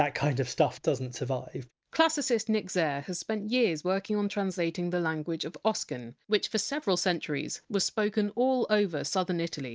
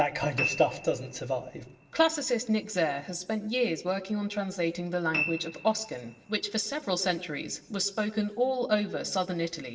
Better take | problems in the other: first | background sound (Piano); 12 dB below the speech // room echo; dies away in 0.8 s

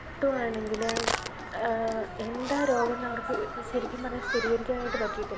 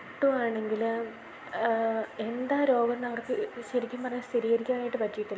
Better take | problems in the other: second | background sound (Human group actions + Crack); 5 dB below the speech

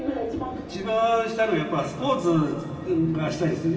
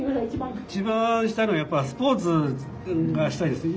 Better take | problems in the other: second | room echo; dies away in 2.4 s

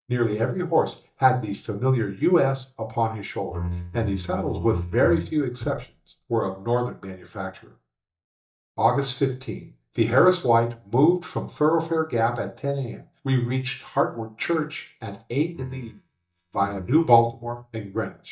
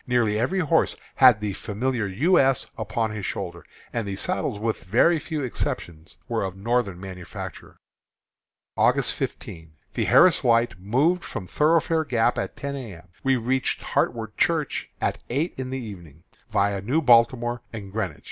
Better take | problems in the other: second | noise reduction (neural mask model DeepFilterNet 3)

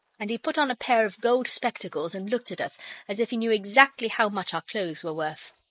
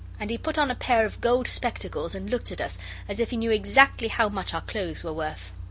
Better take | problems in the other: second | noise reduction (neural mask model Resemble Enhance denoiser)

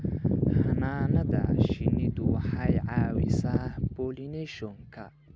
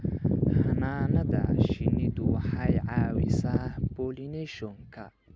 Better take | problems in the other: second | background sound (Bass guitar); 20 dB below the speech

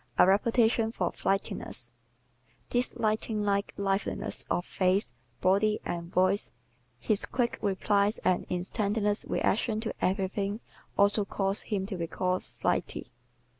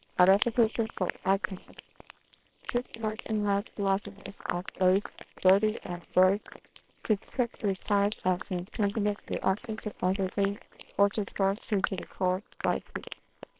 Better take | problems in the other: first | noise reduction (neural separator model SepFormer WHAMR!)

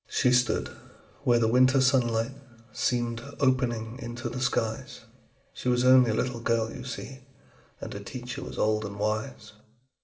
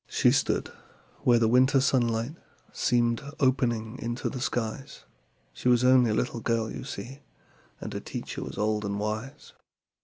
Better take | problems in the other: second | room echo; dies away in 0.6 s

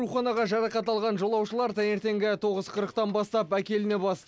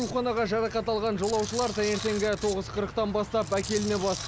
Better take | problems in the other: first | background sound (Insect + Tools); 10 dB below the speech

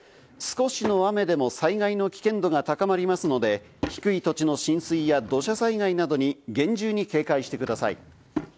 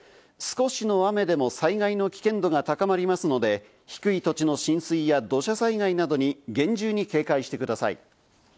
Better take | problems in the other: second | background sound (Drawer open or close / Wood); 16 dB below the speech

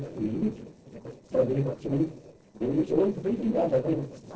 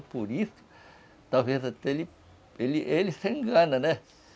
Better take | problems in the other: second | noise reduction (neural separator model SepFormer DNS4)

